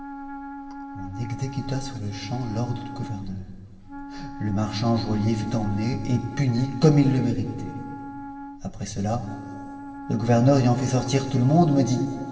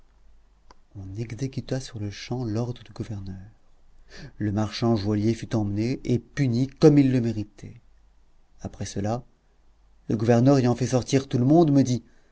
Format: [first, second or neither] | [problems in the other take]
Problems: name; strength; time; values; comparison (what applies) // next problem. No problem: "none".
second | background sound (Wind instrument, woodwind instrument); 13 dB below the speech // room echo; dies away in 2.5 s